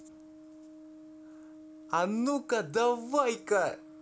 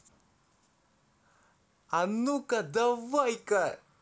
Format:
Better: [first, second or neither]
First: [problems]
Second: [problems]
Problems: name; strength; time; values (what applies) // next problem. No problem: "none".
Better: second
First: background sound (Brass instrument); 18 dB below the speech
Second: none